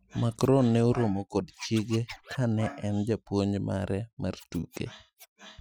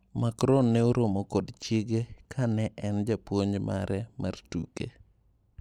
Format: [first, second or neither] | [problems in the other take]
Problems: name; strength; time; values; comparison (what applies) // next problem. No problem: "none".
second | noise reduction (classical method Wiener filter)